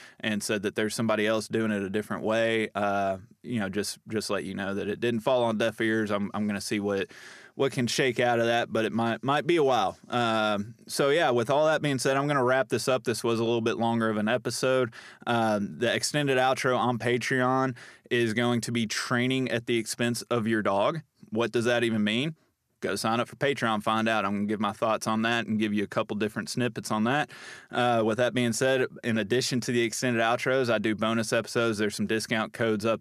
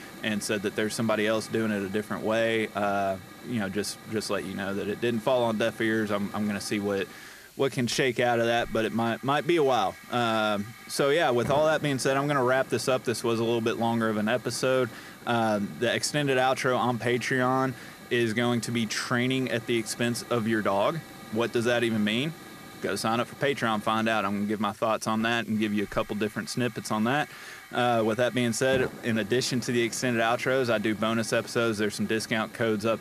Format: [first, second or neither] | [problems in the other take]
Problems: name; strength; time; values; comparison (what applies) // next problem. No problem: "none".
first | hiss; noticeable; throughout; 20 dB below the speech